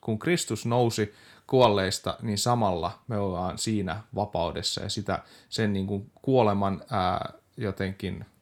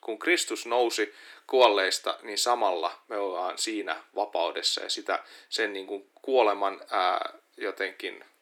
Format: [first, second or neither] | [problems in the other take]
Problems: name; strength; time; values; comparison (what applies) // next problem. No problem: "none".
first | thin; very; fading below 300 Hz